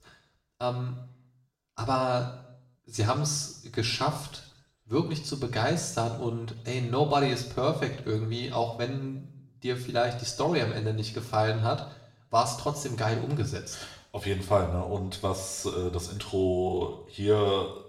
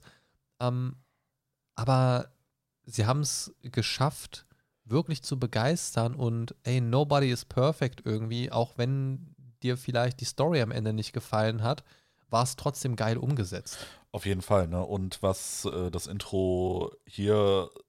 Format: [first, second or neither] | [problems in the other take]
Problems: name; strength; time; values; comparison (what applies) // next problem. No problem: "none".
second | room echo; slight; dies away in 0.7 s // off-mic speech; far